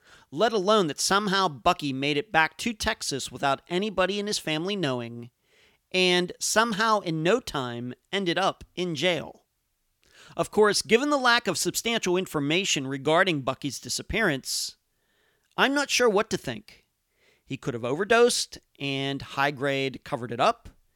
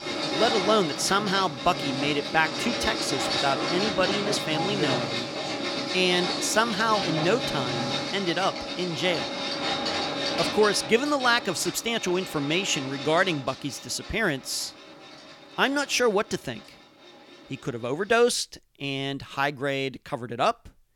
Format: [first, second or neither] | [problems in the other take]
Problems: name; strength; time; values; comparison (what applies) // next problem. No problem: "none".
first | household noises; loud; throughout; 3 dB below the speech